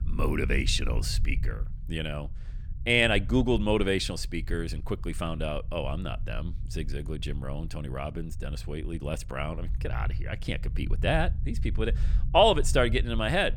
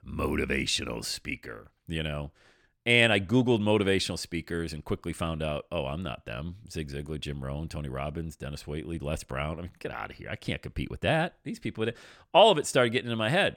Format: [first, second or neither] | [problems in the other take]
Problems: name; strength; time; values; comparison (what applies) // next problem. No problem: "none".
second | low rumble; faint; throughout; 25 dB below the speech